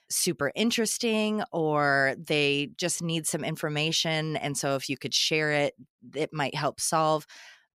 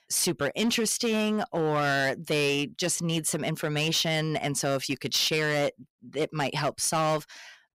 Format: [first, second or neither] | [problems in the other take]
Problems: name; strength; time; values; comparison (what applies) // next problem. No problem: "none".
first | distortion; slight; 10% of the sound clipped